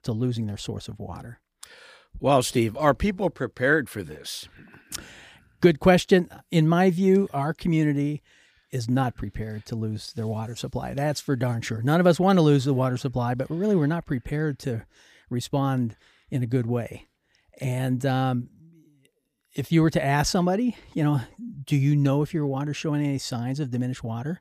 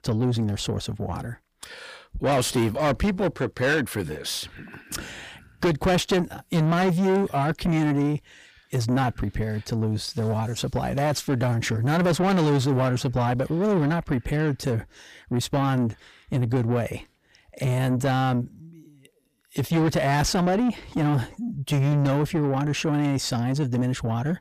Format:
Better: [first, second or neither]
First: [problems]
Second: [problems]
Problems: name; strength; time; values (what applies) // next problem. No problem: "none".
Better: first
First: none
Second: distortion; heavy; 6 dB below the speech